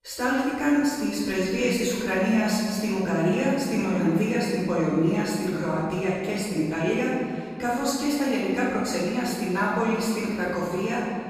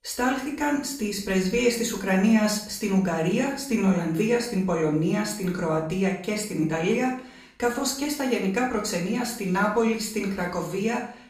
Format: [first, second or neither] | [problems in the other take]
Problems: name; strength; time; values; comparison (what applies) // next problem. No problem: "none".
second | room echo; strong; dies away in 1.9 s; slight in the second // off-mic speech; far; far in the second